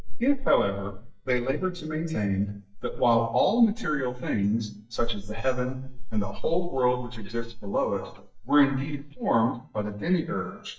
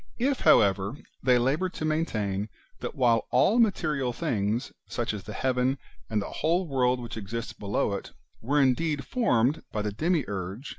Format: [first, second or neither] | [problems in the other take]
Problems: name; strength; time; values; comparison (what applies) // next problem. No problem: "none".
second | noise reduction (neural mask model DeepFilterNet 3)